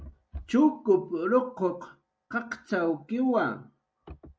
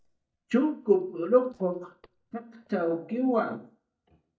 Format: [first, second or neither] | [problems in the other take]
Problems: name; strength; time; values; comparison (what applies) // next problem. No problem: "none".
first | noise reduction (neural mask model DeepFilterNet 3)